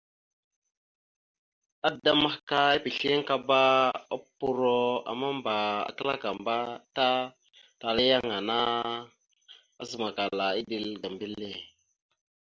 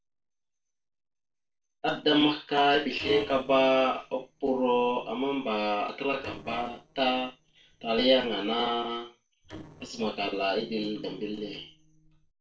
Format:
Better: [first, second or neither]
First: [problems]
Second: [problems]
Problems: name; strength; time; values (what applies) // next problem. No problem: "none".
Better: first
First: none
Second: noise reduction (neural separator model SepFormer DNS4)